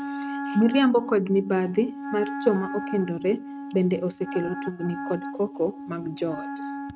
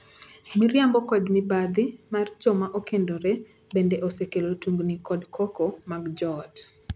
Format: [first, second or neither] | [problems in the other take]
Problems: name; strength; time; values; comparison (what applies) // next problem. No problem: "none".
second | noise reduction (neural mask model RNNoise)